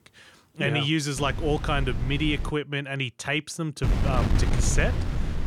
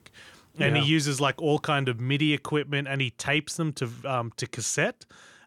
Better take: second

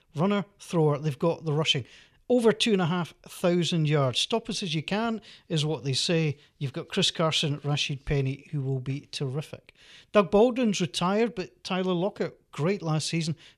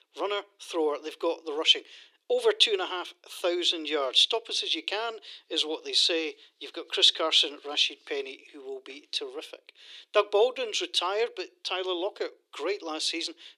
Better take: first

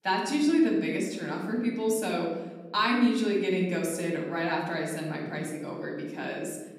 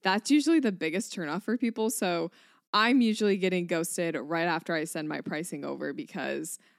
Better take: second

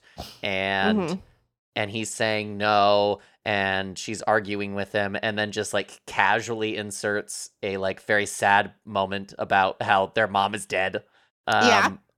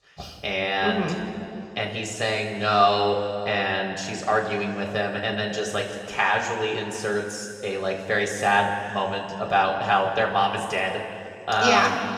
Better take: first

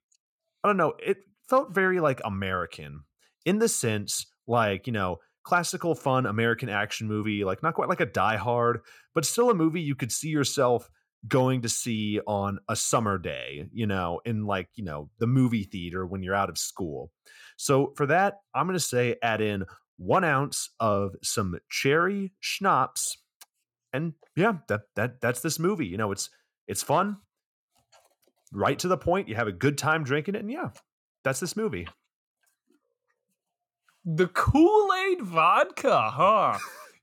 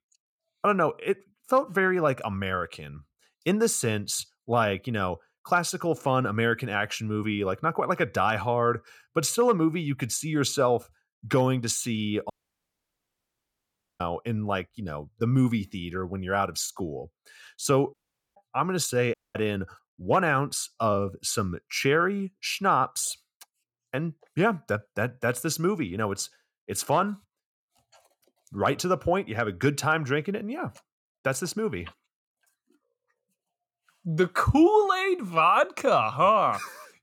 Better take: first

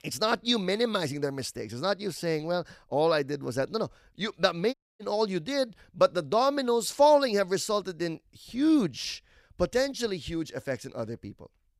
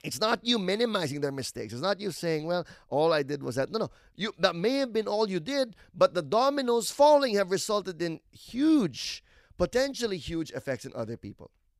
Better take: second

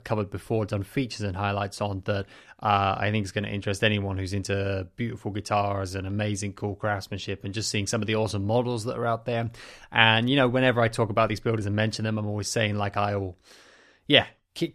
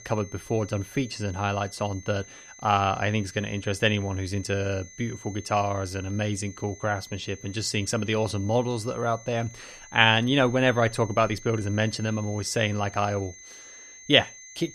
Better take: first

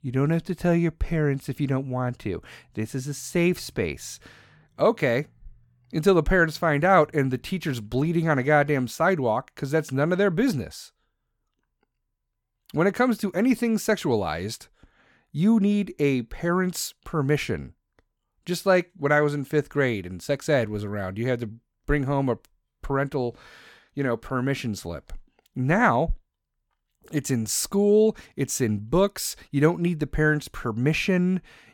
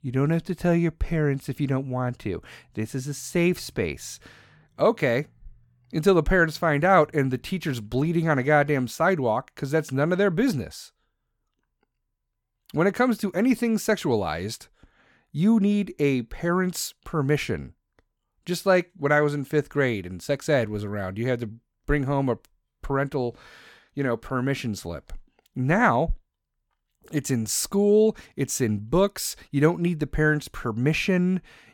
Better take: neither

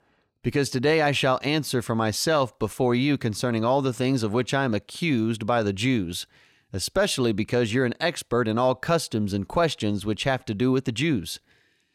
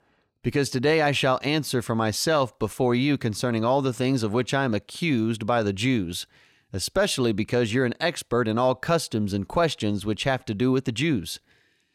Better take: neither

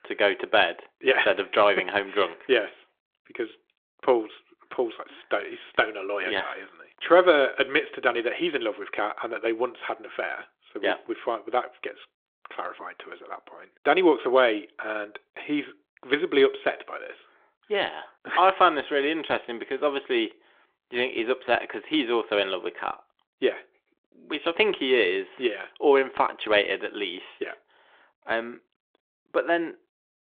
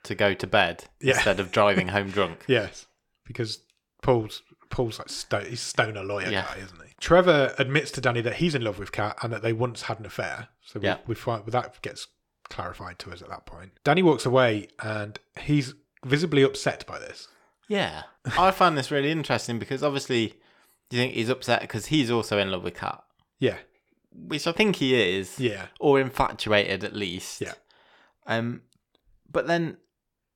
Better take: second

